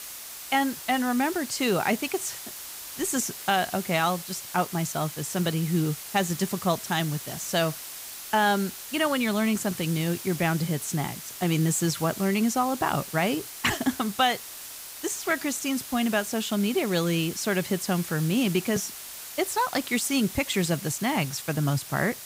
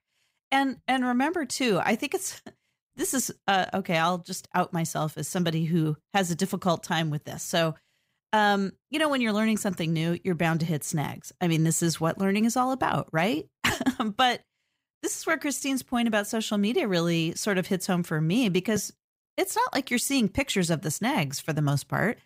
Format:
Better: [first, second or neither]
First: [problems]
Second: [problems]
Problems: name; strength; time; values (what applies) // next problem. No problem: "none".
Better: second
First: hiss; noticeable; throughout; 10 dB below the speech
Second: none